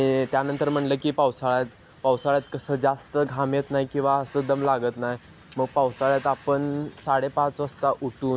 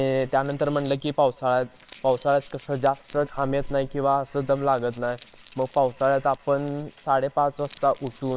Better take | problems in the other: first | noise reduction (neural separator model SepFormer WHAMR!)

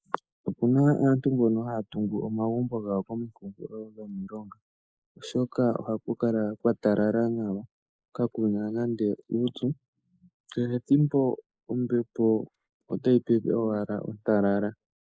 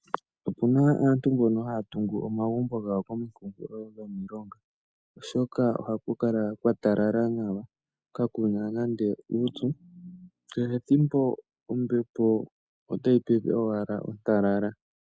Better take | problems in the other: second | noise reduction (neural mask model Resemble Enhance denoiser)

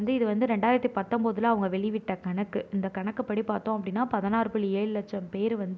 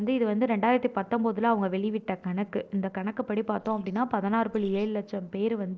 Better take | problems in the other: first | noise reduction (neural separator model SepFormer DNS4)

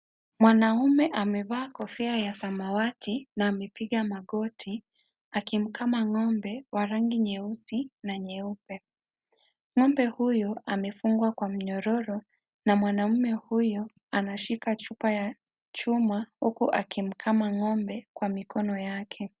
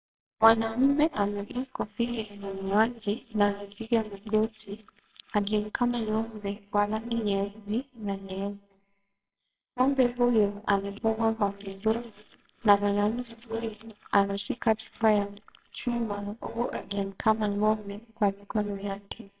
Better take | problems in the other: first | noise reduction (neural separator model SepFormer WHAMR!)

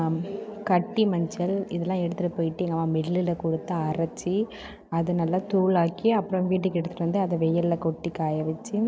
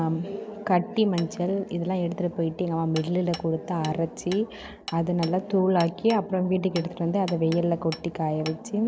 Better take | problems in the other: first | background sound (Hammer); 19 dB below the speech

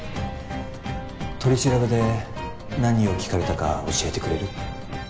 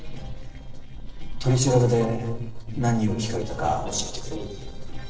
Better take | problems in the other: first | noise reduction (neural separator model SepFormer DNS4)

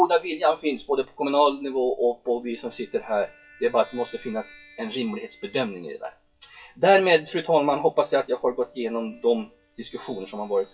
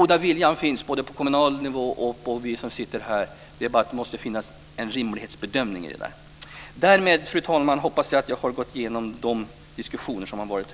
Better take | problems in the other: second | noise reduction (classical method WPE with log-MMSE)

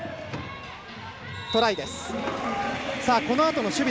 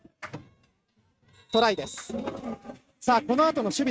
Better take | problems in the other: first | noise reduction (neural mask model RNNoise)

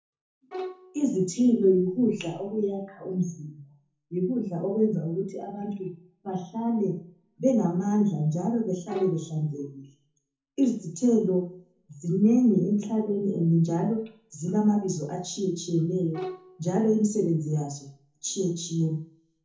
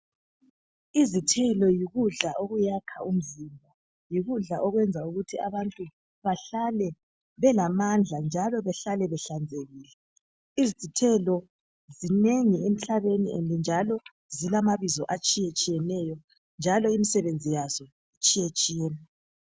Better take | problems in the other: second | background sound (Bowed string instrument); 13 dB below the speech // room echo; dies away in 0.6 s

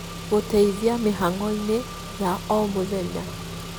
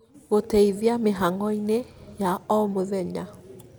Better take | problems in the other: second | background sound (Engine / Car); 10 dB below the speech

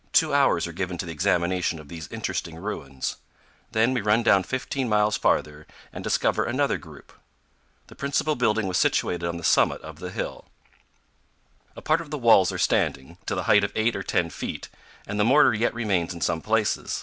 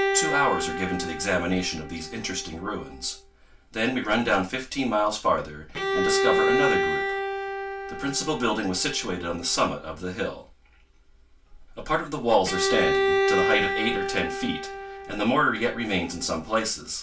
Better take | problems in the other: first | background sound (Bowed string instrument); 2 dB below the speech // room echo; dies away in 0.2 s

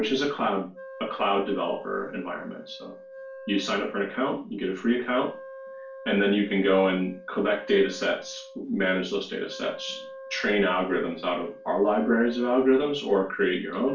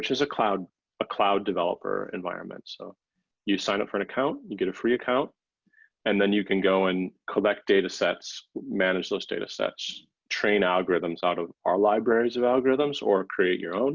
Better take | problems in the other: second | background sound (Wind instrument, woodwind instrument); 17 dB below the speech // room echo; dies away in 0.3 s

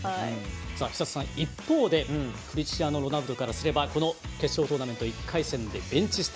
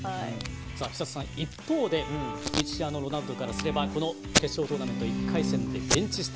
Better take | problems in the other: first | background sound (Bowed string instrument + Packing tape, duct tape); 1 dB below the speech

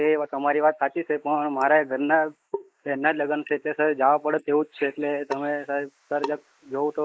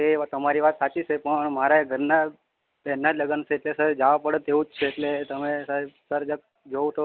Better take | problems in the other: second | noise reduction (neural mask model Resemble Enhance denoiser)

